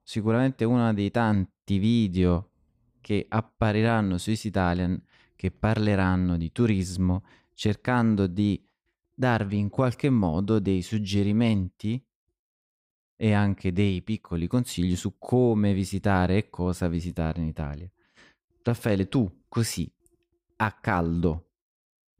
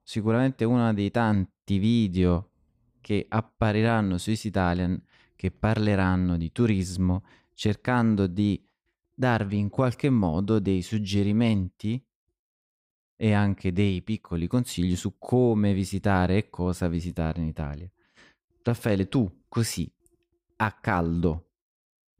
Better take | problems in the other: neither | none

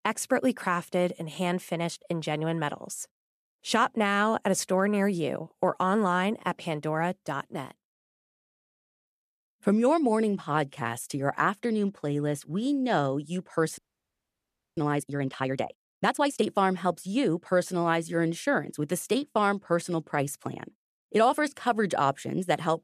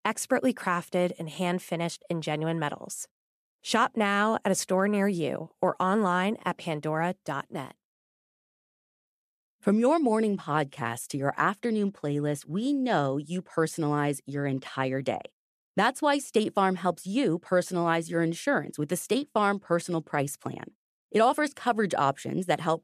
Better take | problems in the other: second | audio freezing; at 14 s for 1 s

